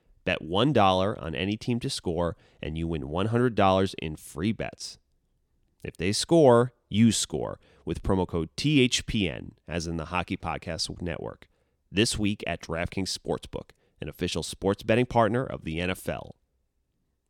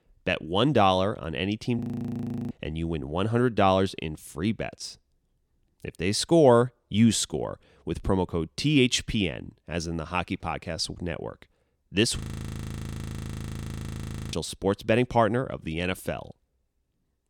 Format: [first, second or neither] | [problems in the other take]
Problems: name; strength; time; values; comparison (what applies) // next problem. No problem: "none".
first | audio freezing; at 2 s for 0.5 s and at 12 s for 2 s